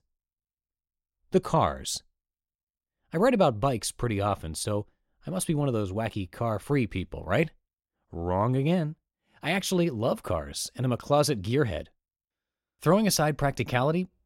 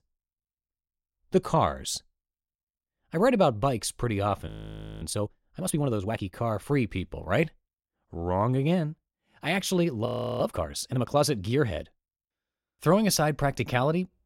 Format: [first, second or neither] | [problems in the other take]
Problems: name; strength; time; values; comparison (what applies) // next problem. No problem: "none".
first | audio freezing; at 4.5 s for 0.5 s and at 10 s